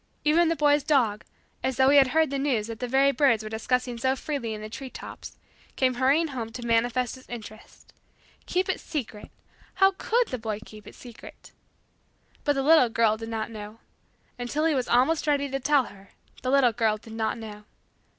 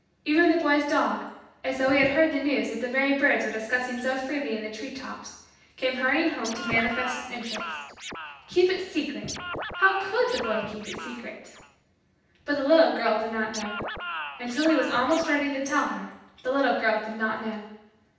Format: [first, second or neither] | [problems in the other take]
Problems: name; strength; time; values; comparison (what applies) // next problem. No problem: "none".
first | background sound (Scratching (performance technique)); 10 dB below the speech // room echo; dies away in 0.9 s